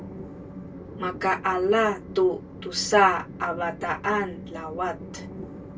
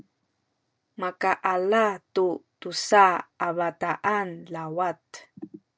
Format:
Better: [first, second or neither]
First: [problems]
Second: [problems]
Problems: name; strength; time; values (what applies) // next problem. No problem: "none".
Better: second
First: background sound (Train); 13 dB below the speech // room echo; dies away in 0.1 s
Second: none